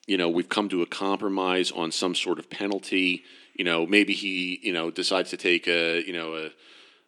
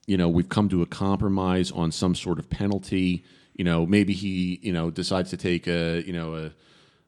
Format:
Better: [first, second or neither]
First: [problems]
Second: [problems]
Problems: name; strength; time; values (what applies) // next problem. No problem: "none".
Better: second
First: thin; somewhat; fading below 300 Hz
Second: none